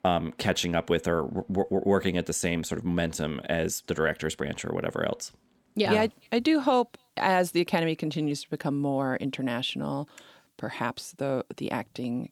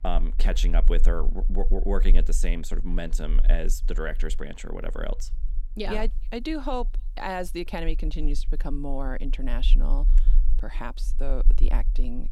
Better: first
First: none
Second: low rumble; faint; throughout; 20 dB below the speech

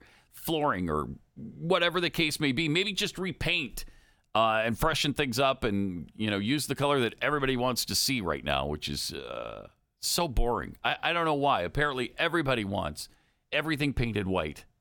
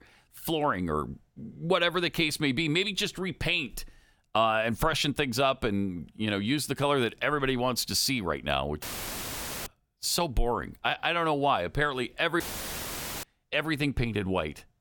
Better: first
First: none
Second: audio cutting out; filled with static; at 9 s for 1 s and at 12 s for 1 s

